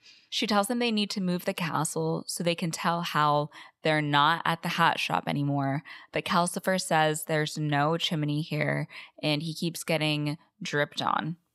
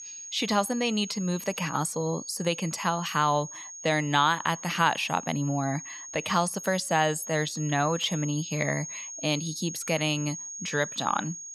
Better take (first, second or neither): first